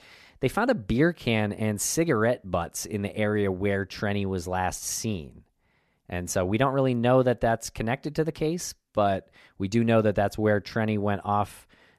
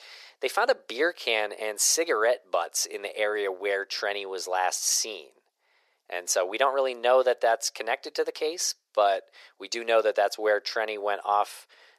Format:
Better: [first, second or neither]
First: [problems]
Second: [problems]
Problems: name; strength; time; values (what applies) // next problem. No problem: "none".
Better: first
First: none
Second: thin; very; fading below 450 Hz